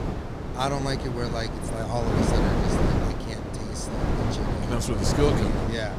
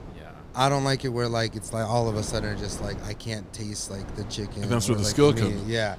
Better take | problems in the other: second | wind noise on the microphone; heavy; as loud as the speech; occasional gusts in the second

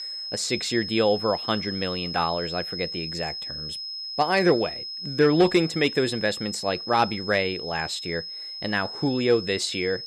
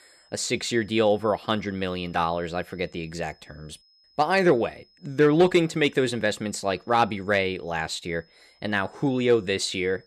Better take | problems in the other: second | high-pitched whine; loud; throughout; 5 kHz, 7 dB below the speech; faint in the second

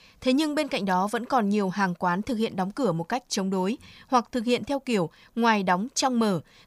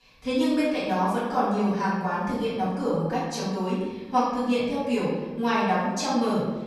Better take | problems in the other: first | off-mic speech; far // room echo; noticeable; dies away in 1.1 s

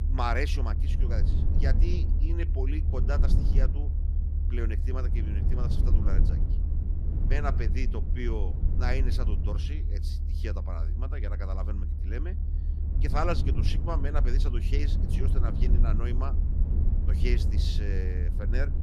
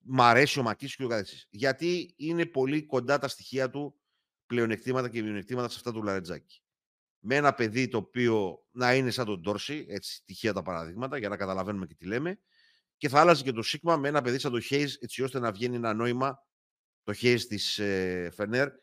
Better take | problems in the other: second | low rumble; loud; throughout; 7 dB below the speech

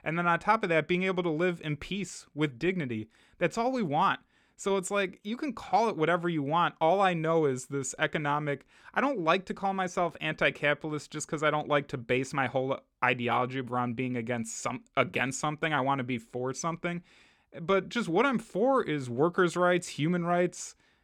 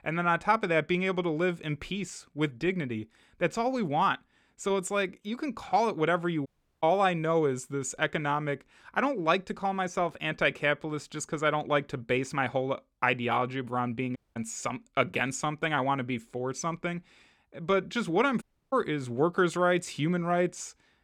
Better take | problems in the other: first | audio cutting out; at 6.5 s, at 14 s and at 18 s

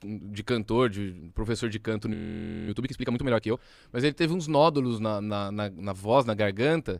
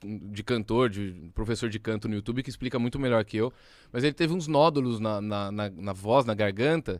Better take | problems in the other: second | audio freezing; at 2 s for 0.5 s

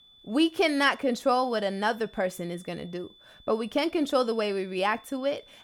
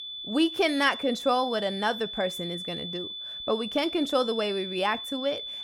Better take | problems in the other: first | high-pitched whine; loud; throughout; 3.5 kHz, 7 dB below the speech; faint in the first

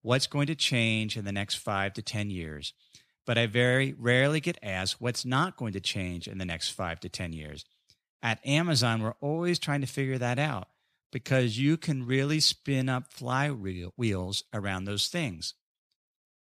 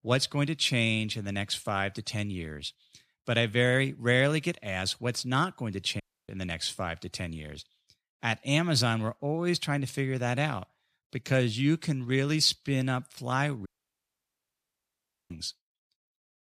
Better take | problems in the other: first | audio cutting out; at 6 s and at 14 s for 1.5 s

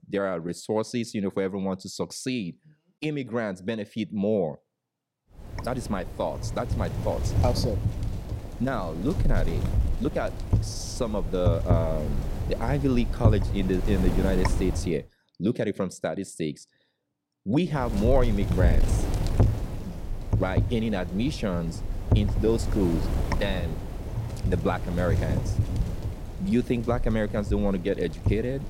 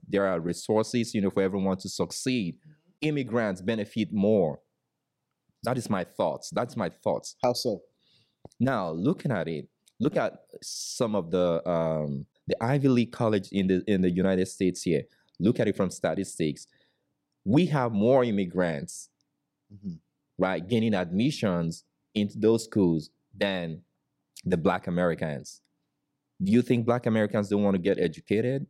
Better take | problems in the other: second | wind noise on the microphone; heavy; from 5.5 to 15 s and from 18 s on; 8 dB below the speech

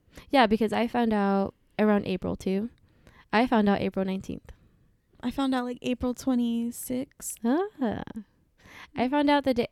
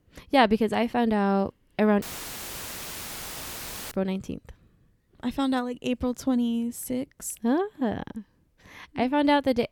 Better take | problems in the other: first | audio cutting out; filled with static; at 2 s for 2 s

